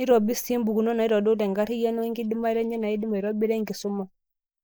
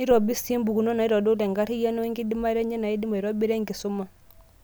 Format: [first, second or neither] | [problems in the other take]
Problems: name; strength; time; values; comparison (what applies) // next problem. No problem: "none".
second | noise reduction (neural mask model Resemble Enhance denoiser)